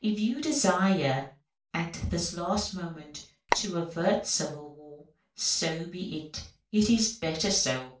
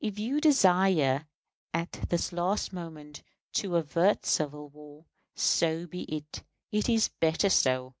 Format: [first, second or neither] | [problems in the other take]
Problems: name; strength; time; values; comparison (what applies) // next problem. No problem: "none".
second | background sound (Telephone); 1 dB below the speech // room echo; dies away in 0.3 s